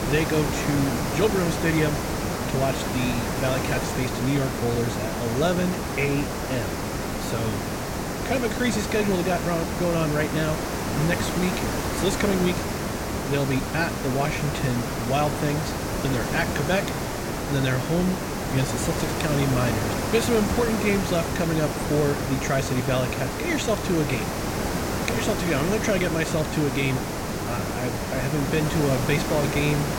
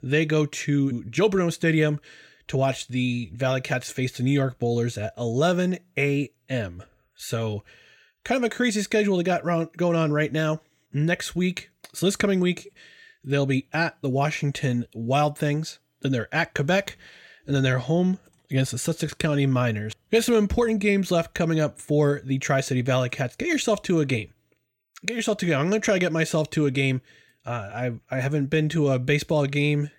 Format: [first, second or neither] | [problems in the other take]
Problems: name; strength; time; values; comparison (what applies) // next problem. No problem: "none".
second | hiss; loud; throughout; 2 dB below the speech